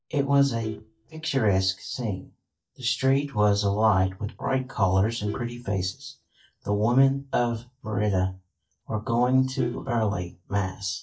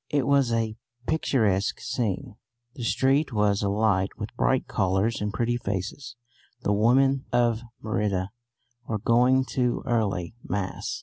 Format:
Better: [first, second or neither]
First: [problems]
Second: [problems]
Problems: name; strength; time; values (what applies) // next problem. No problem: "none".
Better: second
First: noise reduction (neural mask model DeepFilterNet 3)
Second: none